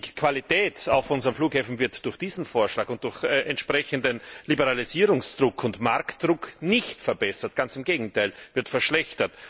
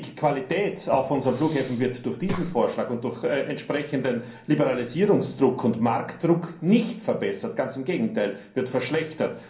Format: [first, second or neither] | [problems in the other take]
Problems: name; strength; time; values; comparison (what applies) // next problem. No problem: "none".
first | background sound (Breathing); 12 dB below the speech // room echo; dies away in 0.6 s